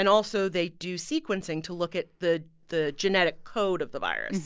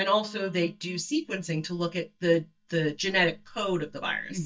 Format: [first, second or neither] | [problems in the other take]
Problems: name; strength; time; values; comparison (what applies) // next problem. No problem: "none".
first | noise reduction (neural mask model DeepFilterNet 3)